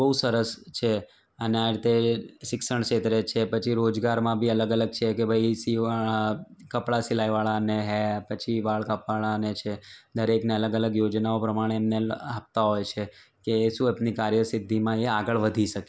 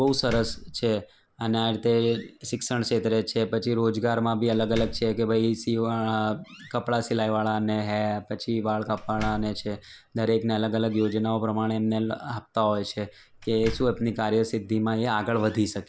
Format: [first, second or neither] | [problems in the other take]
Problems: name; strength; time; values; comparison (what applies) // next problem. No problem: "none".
first | background sound (Slam); 17 dB below the speech